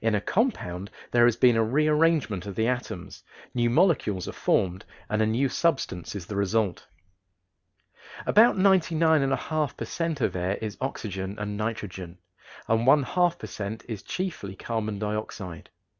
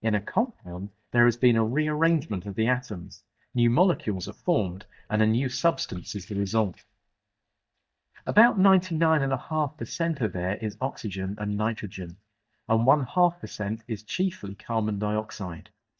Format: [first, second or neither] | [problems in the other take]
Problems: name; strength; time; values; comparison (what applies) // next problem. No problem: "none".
first | noise reduction (neural mask model DeepFilterNet 3)